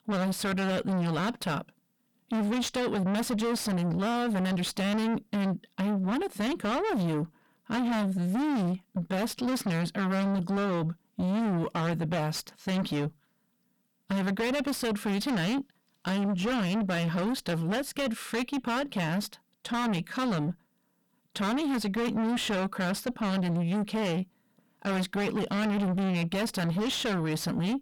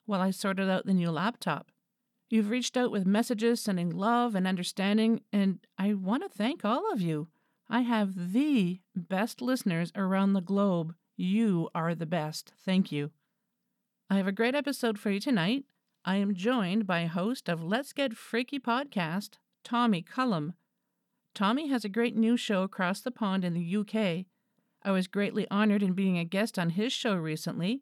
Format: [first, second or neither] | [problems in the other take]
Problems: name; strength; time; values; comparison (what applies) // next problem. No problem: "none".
second | distortion; heavy; 5 dB below the speech